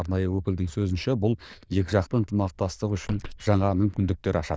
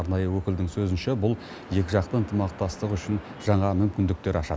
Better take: second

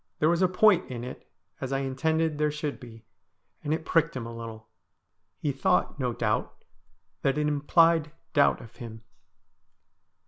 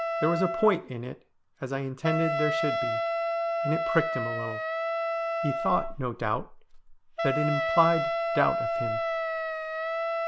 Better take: first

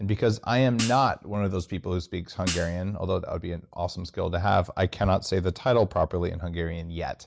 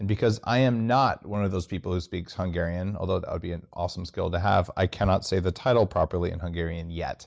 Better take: second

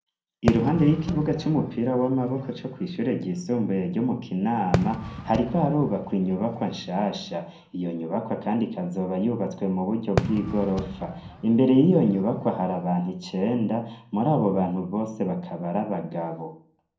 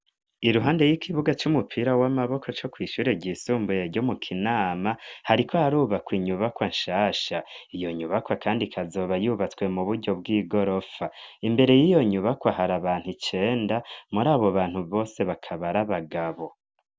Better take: second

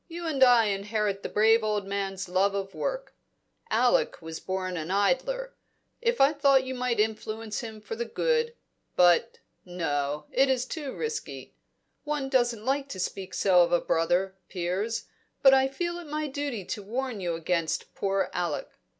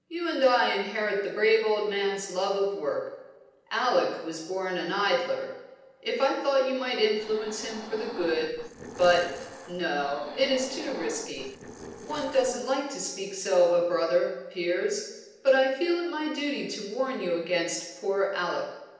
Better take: first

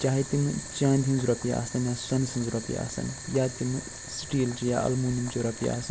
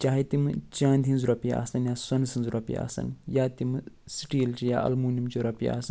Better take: second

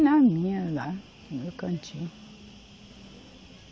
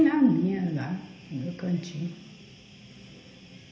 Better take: first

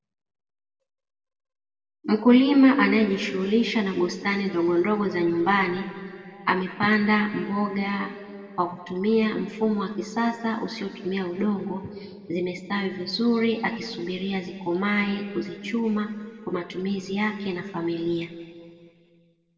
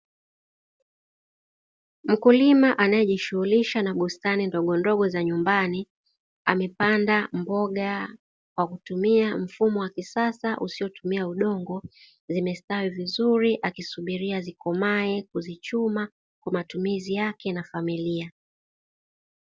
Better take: second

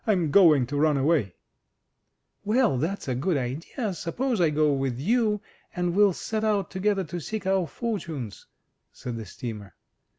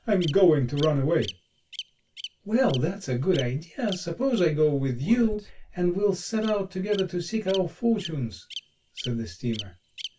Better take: first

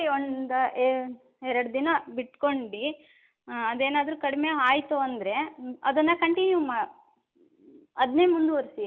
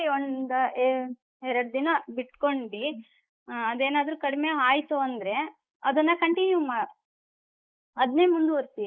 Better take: first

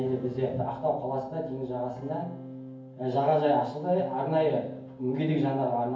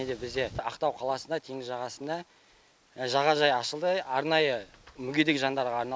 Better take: second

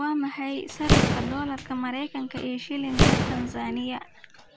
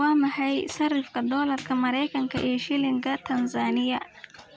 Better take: second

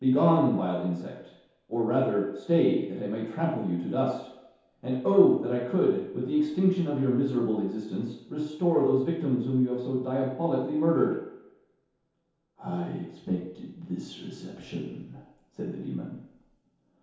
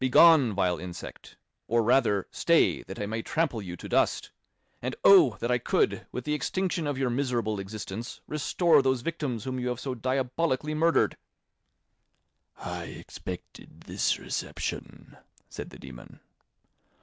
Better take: second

